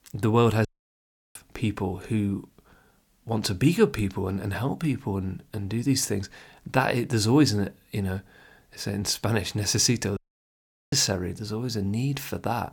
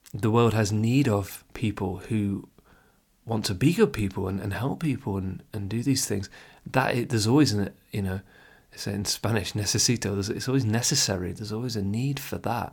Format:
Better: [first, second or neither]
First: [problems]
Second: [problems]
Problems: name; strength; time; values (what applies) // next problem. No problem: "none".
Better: second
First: audio cutting out; at 0.5 s for 0.5 s and at 10 s for 1 s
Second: none